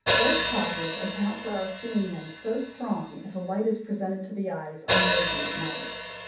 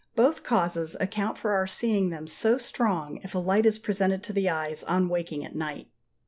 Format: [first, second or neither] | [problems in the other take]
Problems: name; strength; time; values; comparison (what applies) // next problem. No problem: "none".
second | background sound (Hi-hat); as loud as the speech // room echo; dies away in 0.7 s